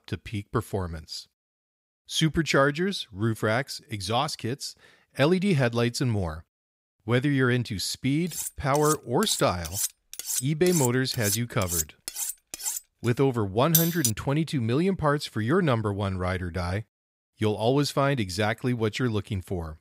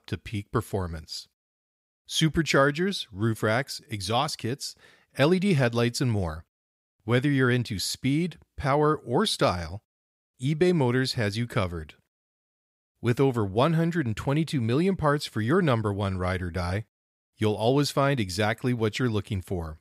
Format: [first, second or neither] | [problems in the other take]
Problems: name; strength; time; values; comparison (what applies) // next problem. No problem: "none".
second | clattering dishes; noticeable; from 8.5 to 13 s; peak 2 dB below the speech // clattering dishes; loud; at 14 s; peak 4 dB above the speech